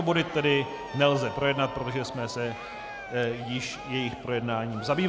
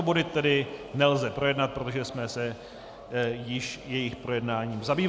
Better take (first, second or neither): second